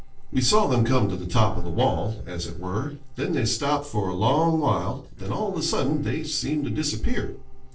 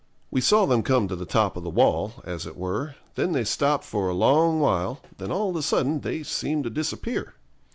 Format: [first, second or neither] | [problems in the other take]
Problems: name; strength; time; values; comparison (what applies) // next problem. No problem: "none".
second | noise reduction (neural separator model SepFormer DNS4)